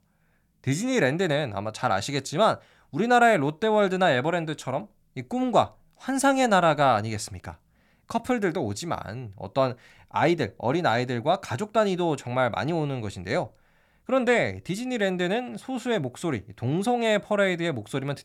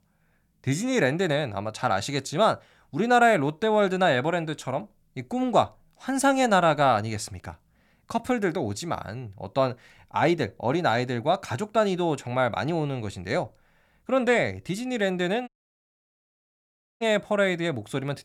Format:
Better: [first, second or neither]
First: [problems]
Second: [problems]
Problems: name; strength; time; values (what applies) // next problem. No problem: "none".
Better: first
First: none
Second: audio cutting out; at 15 s for 1.5 s